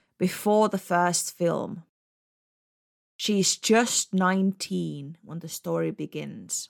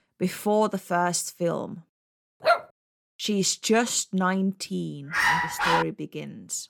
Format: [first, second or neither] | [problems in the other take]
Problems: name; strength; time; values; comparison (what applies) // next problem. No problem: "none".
first | dog barking; loud; at 2.5 s and at 5 s; peak 4 dB above the speech